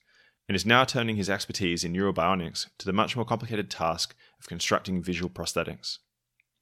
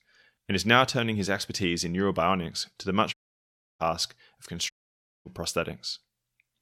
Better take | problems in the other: first | audio cutting out; at 3 s for 0.5 s and at 4.5 s for 0.5 s

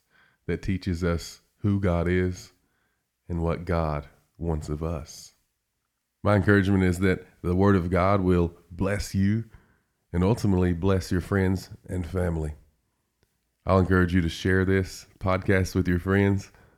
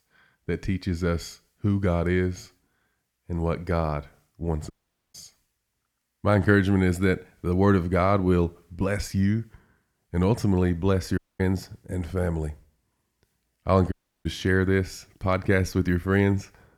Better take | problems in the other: first | audio cutting out; at 4.5 s, at 11 s and at 14 s

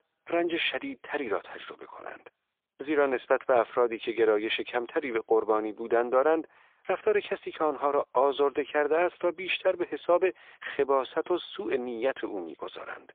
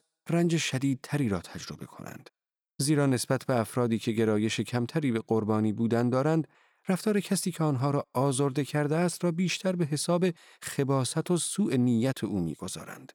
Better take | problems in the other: second | phone-call audio; poor line; nothing above 3.5 kHz

